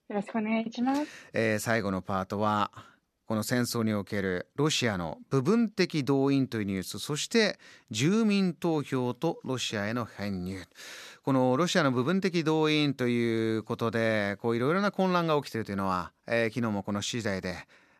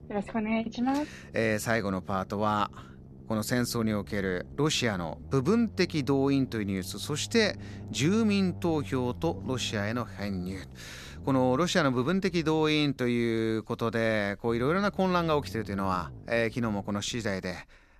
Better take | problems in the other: first | low rumble; faint; throughout; 25 dB below the speech

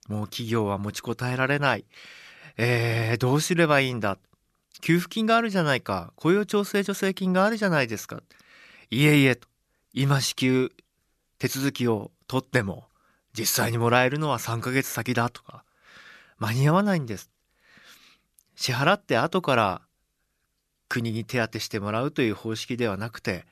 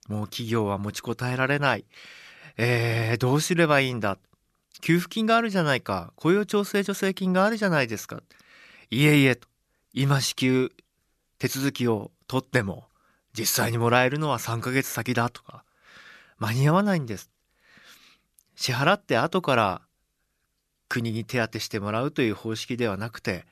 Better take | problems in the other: neither | none

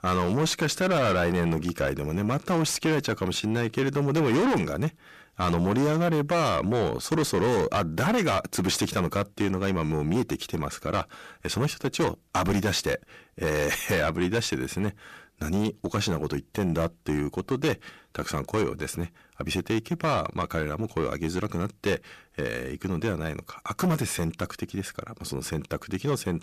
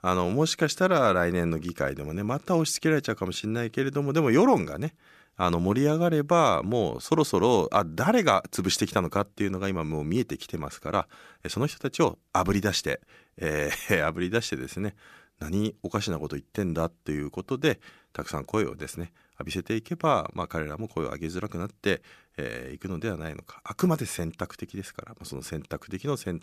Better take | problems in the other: second | distortion; heavy; 6 dB below the speech

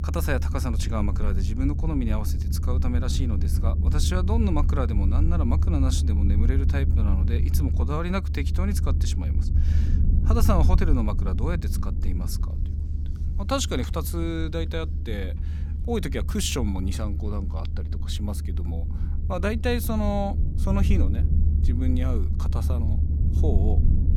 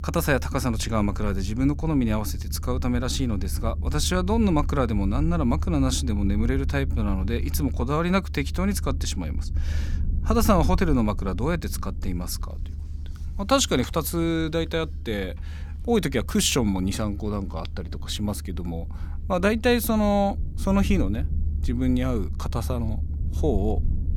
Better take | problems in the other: second | low rumble; loud; throughout; 9 dB below the speech; faint in the second

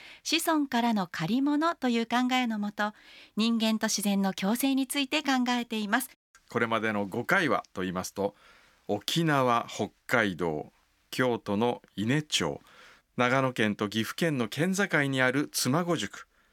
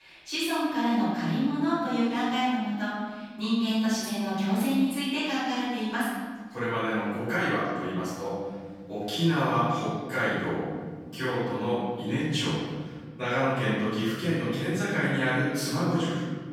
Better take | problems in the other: first | off-mic speech; far // room echo; strong; dies away in 1.7 s

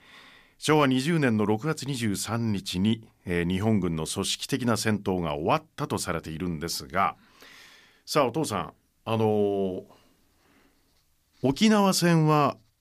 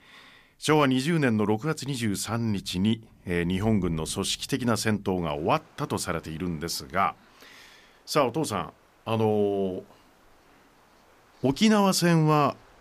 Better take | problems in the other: first | rain or running water; faint; throughout; 30 dB below the speech

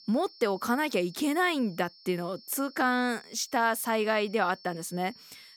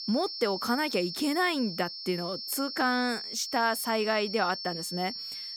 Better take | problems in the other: first | high-pitched whine; loud; throughout; 5.5 kHz, 6 dB below the speech; faint in the first

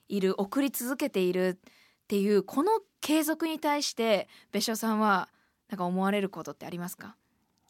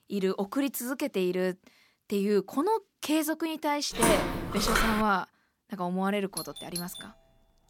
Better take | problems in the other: first | footsteps; loud; from 4 to 5 s; peak 4 dB above the speech // doorbell; noticeable; at 6.5 s; peak 8 dB below the speech

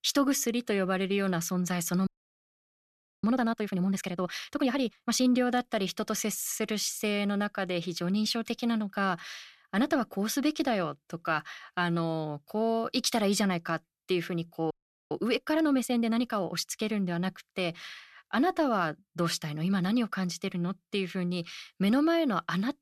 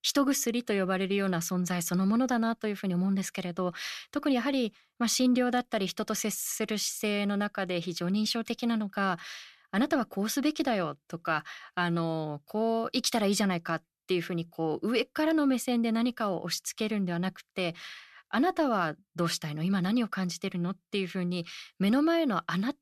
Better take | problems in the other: second | audio freezing; at 2 s for 1 s and at 15 s

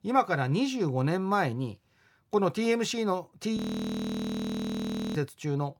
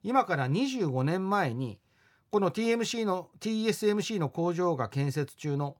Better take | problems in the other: second | audio freezing; at 3.5 s for 1.5 s

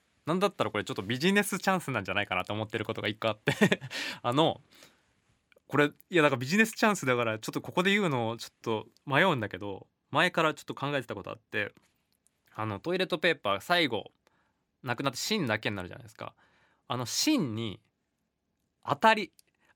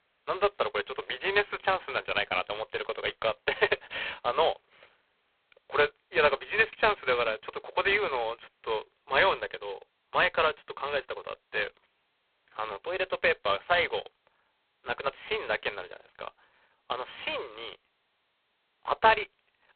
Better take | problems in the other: first | phone-call audio; poor line; nothing above 4 kHz

